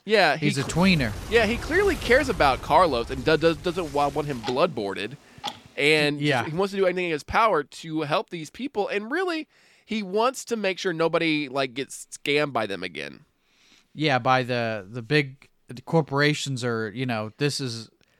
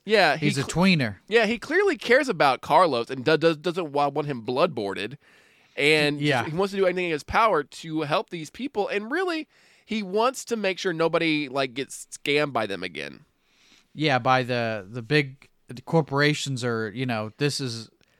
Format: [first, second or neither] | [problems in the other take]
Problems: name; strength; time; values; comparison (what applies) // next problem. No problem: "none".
second | household noises; noticeable; until 6 s; 15 dB below the speech